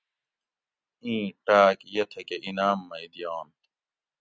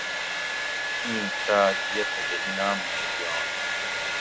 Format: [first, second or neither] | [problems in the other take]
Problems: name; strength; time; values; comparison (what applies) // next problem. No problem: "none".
first | background sound (Domestic sounds, home sounds); 2 dB above the speech